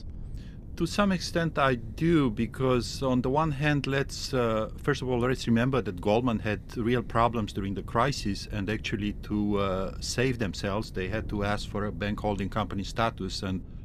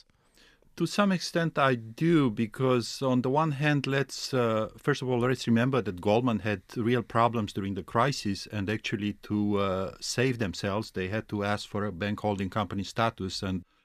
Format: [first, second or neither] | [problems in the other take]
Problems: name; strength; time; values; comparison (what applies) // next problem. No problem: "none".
second | wind noise on the microphone; occasional gusts; 25 dB below the speech